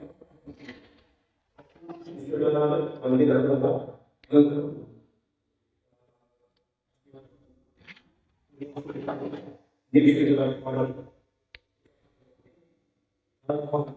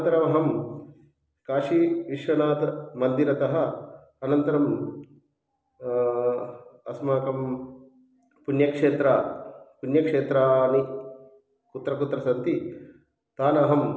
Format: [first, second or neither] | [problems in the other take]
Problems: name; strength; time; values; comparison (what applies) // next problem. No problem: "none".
second | noise reduction (neural mask model DeepFilterNet 3)